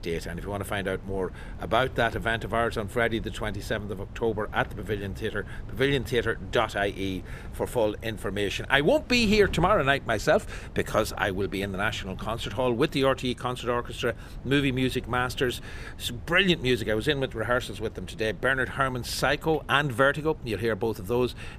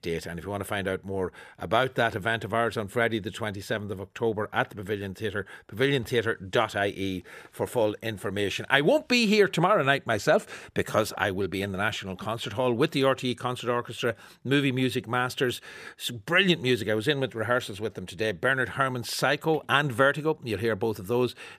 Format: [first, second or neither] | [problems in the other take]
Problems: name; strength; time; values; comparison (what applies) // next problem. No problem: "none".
second | wind noise on the microphone; occasional gusts; 25 dB below the speech